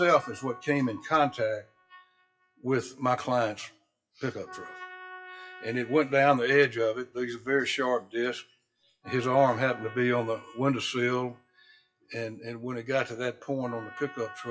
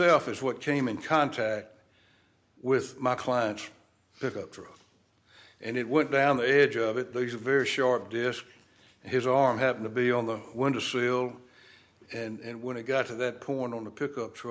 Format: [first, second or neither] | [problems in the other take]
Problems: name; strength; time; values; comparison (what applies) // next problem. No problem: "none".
second | noise reduction (classical method WPE with log-MMSE)